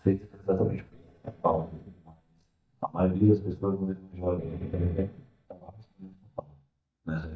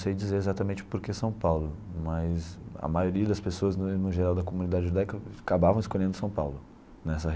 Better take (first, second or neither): second